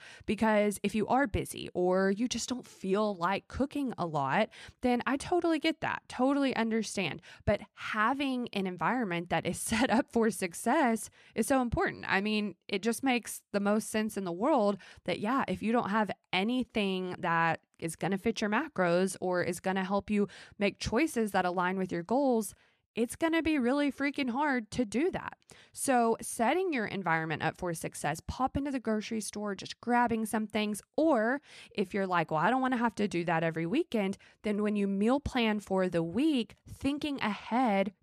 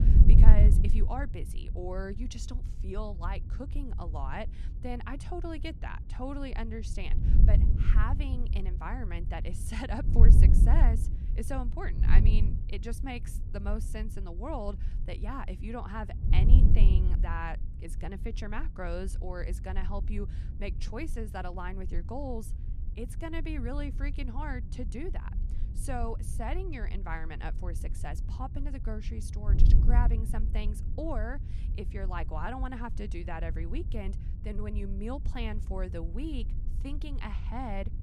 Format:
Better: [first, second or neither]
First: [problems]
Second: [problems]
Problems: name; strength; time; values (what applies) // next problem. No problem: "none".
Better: first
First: none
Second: wind noise on the microphone; heavy; 7 dB below the speech